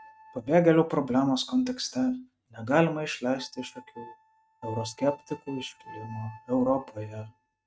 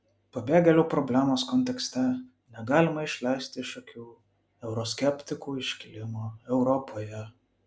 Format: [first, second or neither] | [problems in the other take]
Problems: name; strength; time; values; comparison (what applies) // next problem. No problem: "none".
second | noise reduction (neural mask model RNNoise)